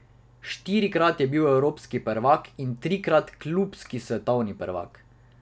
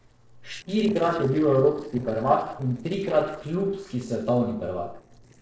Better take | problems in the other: first | noise reduction (neural separator model SepFormer DNS4)

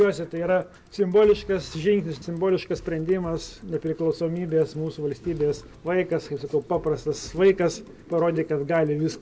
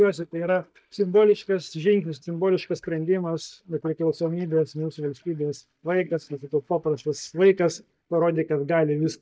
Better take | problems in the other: first | noise reduction (neural mask model DeepFilterNet 3)

